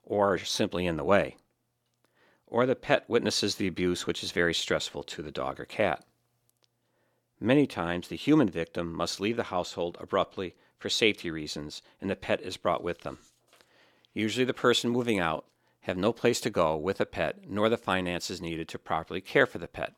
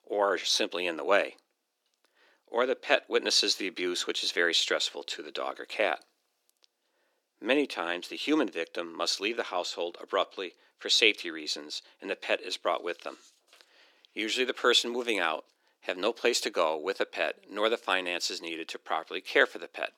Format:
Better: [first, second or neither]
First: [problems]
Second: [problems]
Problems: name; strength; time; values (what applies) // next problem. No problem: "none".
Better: first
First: none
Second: thin; somewhat; fading below 300 Hz